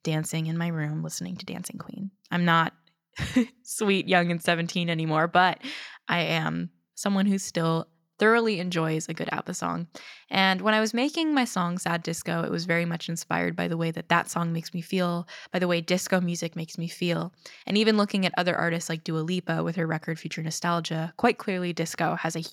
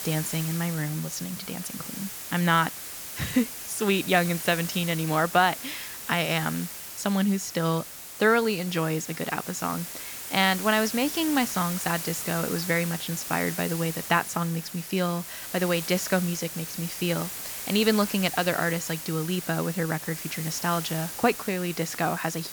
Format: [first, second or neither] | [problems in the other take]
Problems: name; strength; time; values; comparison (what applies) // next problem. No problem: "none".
first | hiss; loud; throughout; 7 dB below the speech